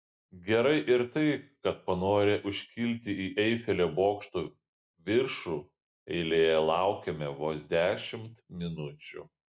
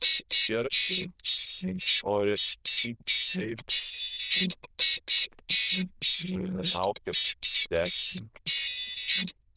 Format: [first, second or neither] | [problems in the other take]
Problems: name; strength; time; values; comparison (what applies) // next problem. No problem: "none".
first | noise reduction (neural diffusion model UNIVERSE++)